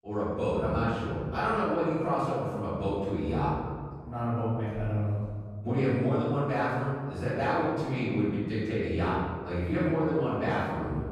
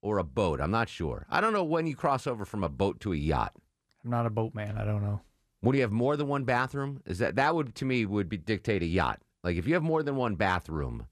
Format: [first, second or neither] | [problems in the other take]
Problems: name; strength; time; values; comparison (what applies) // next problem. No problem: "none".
second | off-mic speech; far // room echo; strong; dies away in 1.8 s